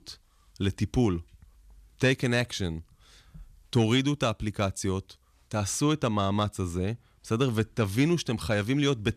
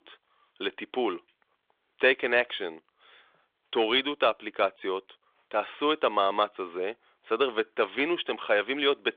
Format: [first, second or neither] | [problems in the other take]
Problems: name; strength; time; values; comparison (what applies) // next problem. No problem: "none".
first | phone-call audio; nothing above 3.5 kHz